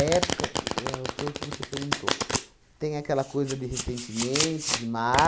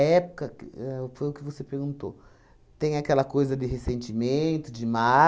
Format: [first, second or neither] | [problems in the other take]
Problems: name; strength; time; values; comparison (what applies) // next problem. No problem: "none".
second | background sound (Domestic sounds, home sounds); 2 dB below the speech